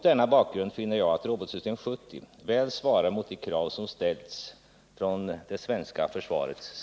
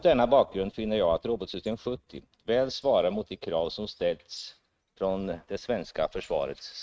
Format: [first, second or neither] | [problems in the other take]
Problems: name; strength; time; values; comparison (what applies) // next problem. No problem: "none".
first | noise reduction (neural mask model RNNoise)